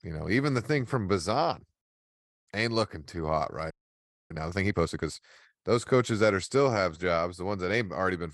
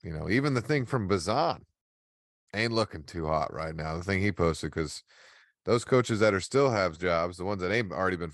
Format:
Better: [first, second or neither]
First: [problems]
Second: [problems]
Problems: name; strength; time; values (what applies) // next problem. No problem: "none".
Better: second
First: audio freezing; at 3.5 s for 0.5 s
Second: none